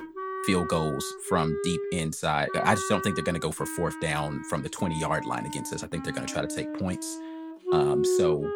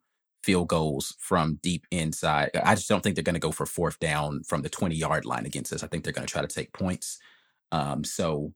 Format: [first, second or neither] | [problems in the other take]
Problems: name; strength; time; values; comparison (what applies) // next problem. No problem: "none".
second | background music; loud; throughout; 3 dB below the speech